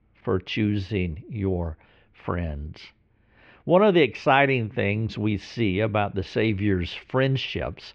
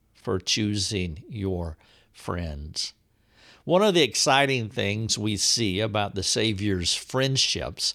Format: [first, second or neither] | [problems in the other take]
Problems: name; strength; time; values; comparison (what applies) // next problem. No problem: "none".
second | muffled; very; fading above 2.5 kHz